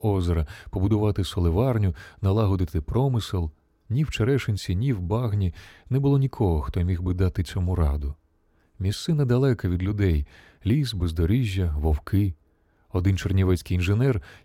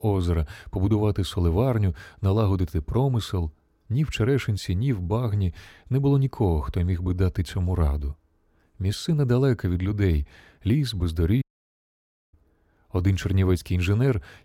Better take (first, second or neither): first